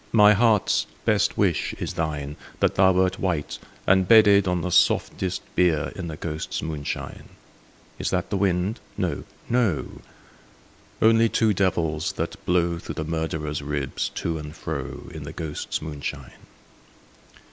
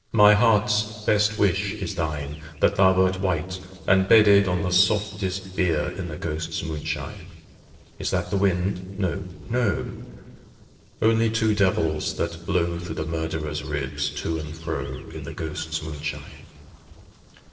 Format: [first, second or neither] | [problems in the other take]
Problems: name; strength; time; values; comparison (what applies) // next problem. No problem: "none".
first | noise reduction (neural separator model SepFormer DNS4)